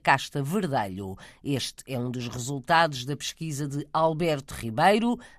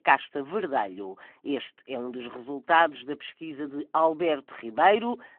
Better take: first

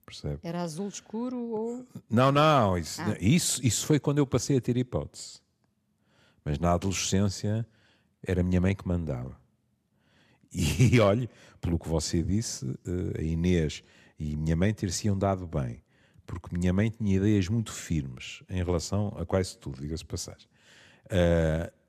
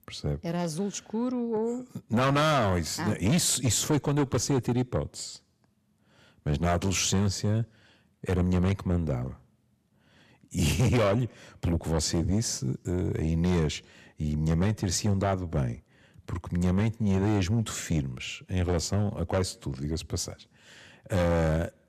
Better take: first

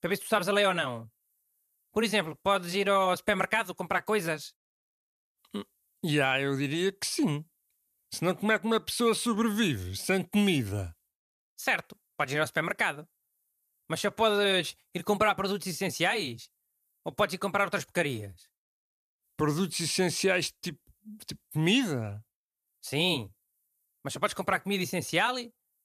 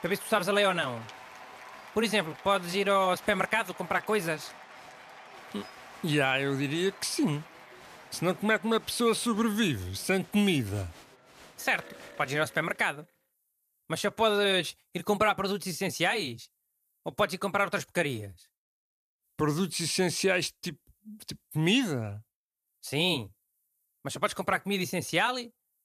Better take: first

